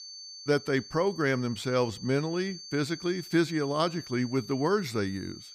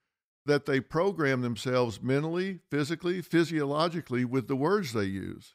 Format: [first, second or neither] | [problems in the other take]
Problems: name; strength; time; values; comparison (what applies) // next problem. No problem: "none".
second | high-pitched whine; noticeable; throughout; 4.5 kHz, 15 dB below the speech